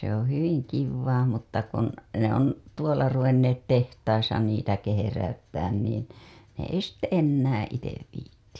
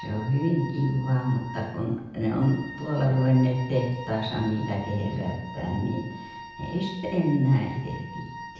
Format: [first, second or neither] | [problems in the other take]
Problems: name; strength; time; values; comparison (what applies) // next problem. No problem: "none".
first | background sound (Wind instrument, woodwind instrument); 15 dB below the speech // room echo; dies away in 0.9 s